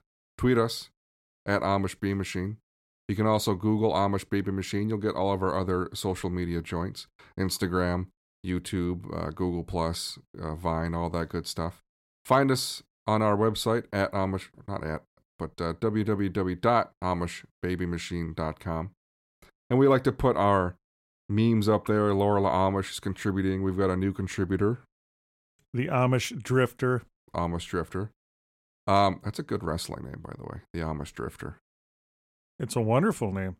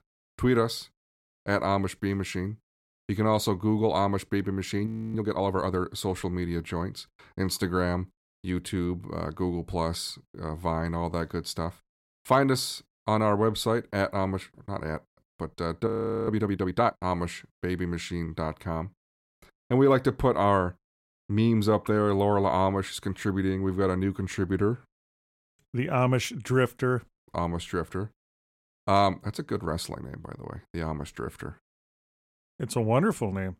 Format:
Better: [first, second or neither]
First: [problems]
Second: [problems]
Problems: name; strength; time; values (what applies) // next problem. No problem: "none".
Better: first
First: none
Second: audio freezing; at 5 s and at 16 s